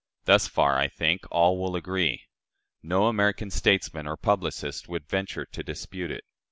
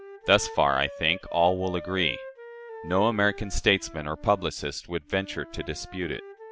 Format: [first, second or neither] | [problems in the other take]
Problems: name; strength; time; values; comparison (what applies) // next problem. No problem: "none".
first | background sound (Wind instrument, woodwind instrument); 16 dB below the speech